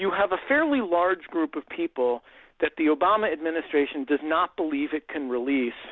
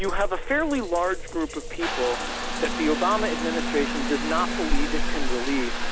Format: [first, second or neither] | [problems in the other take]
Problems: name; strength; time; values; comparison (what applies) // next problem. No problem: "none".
first | background sound (Trickle, dribble / Bathtub (filling or washing) / Water tap, faucet); 1 dB above the speech